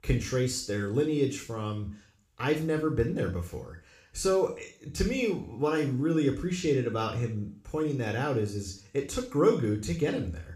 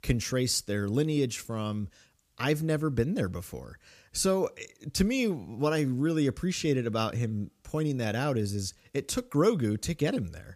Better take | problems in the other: second | room echo; slight; dies away in 0.4 s // off-mic speech; somewhat distant

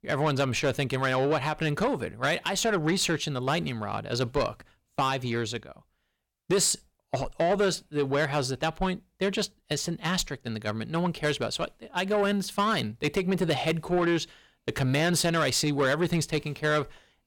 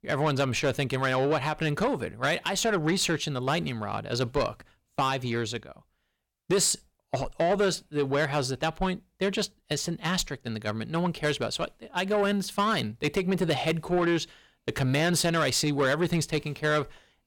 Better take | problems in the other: neither | distortion; slight; 10 dB below the speech; the same in both

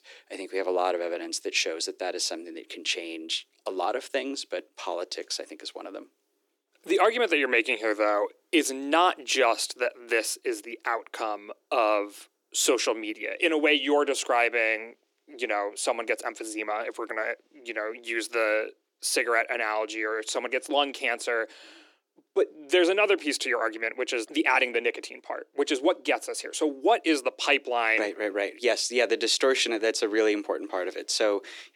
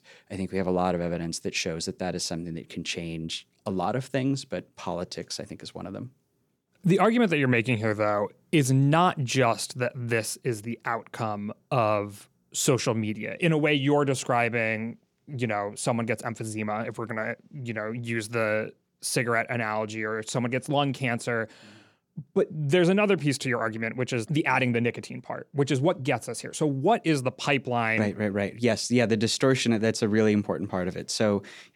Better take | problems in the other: second | thin; somewhat; fading below 300 Hz

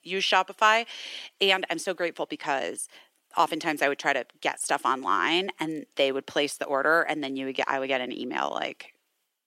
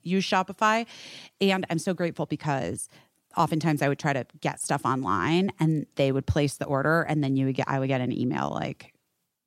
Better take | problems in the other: second | thin; somewhat; fading below 350 Hz

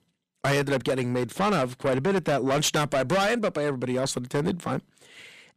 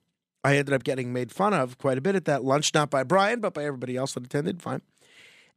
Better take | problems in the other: second | distortion; heavy; 6 dB below the speech

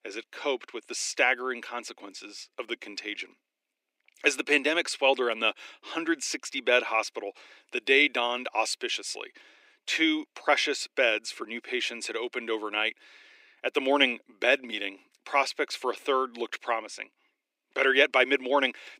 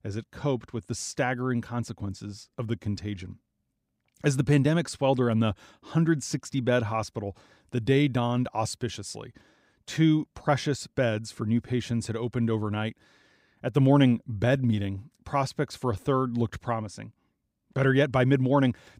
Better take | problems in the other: second | thin; very; fading below 350 Hz

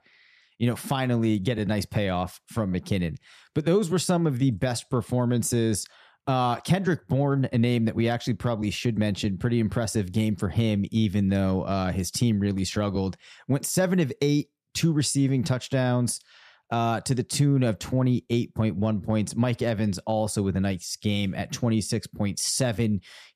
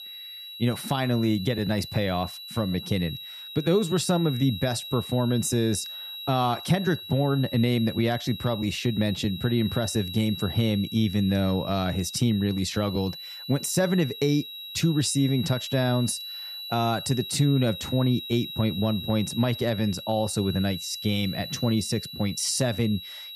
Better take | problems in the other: first | high-pitched whine; loud; throughout; 4 kHz, 10 dB below the speech

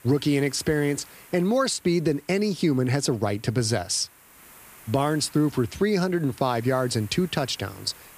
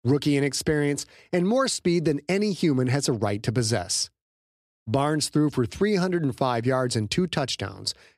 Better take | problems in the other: second | hiss; faint; throughout; 25 dB below the speech

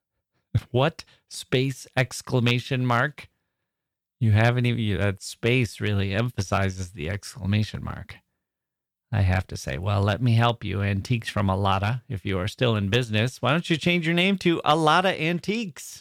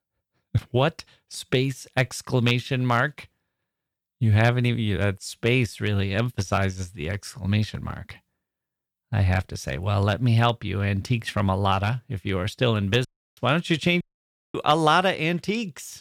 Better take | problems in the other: first | audio cutting out; at 13 s and at 14 s for 0.5 s

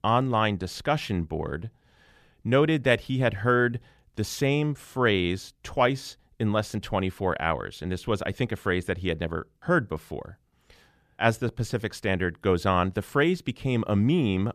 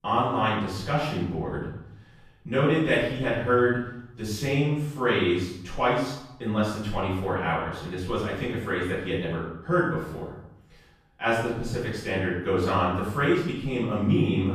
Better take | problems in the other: first | off-mic speech; far // room echo; noticeable; dies away in 0.7 s

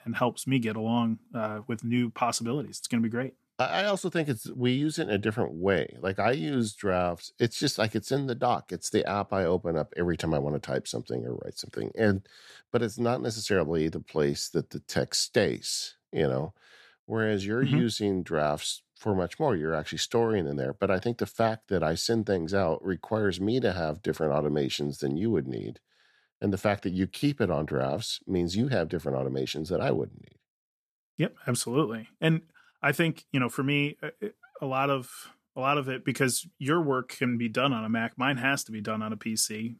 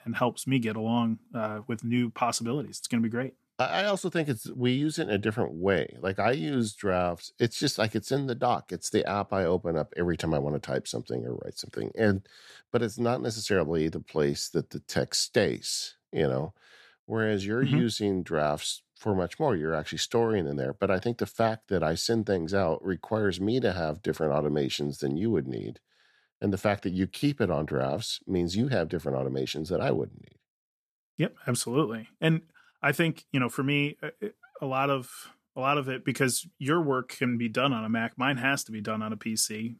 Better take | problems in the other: neither | none

